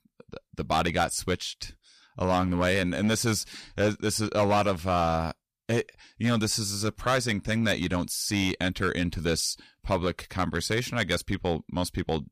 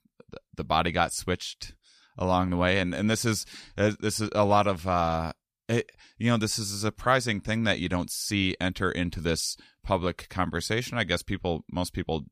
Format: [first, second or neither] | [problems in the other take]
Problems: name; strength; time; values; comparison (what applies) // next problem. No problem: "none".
second | distortion; slight; 4% of the sound clipped